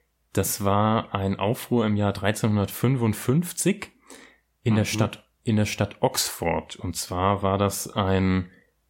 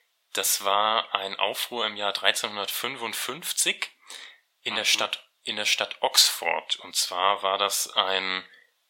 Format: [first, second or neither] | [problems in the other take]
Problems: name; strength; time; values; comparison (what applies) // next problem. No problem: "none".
first | thin; very; fading below 800 Hz